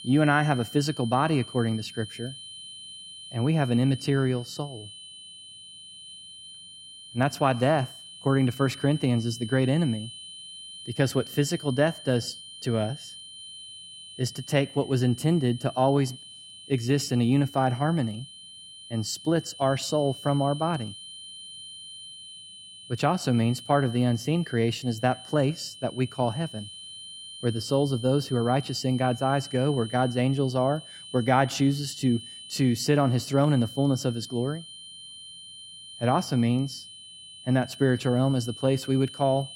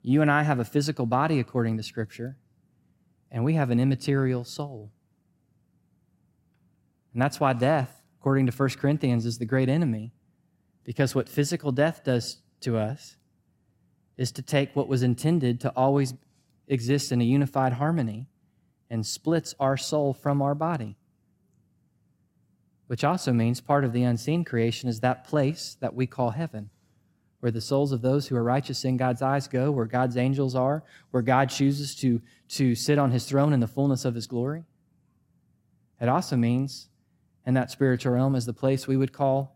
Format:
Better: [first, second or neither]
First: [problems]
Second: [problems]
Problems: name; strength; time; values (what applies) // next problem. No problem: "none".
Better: second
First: high-pitched whine; noticeable; throughout; 3 kHz, 15 dB below the speech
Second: none